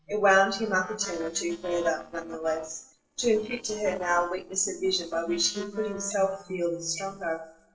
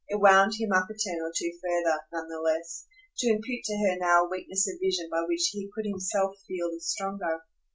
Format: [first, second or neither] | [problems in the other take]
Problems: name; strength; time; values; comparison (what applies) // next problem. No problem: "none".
second | noise reduction (neural separator model SepFormer DNS4)